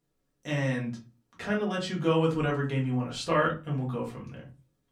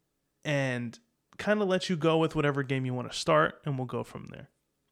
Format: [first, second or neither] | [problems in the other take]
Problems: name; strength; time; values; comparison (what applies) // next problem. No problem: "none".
second | off-mic speech; far // room echo; very slight; dies away in 0.3 s